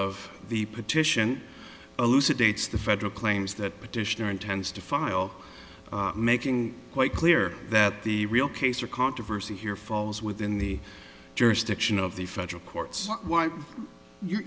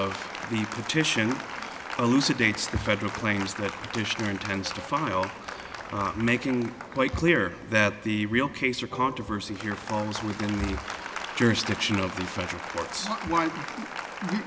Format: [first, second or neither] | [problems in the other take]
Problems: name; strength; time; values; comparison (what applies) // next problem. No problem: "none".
first | background sound (Applause); 10 dB below the speech